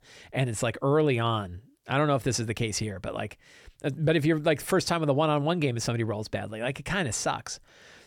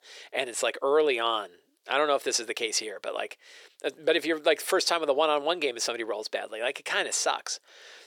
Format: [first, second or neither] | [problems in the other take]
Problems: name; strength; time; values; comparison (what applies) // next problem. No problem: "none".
first | thin; very; fading below 400 Hz